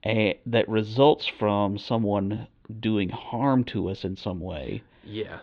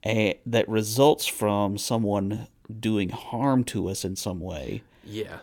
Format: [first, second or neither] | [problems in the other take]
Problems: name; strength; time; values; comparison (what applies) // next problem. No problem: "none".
second | muffled; slightly; fading above 4 kHz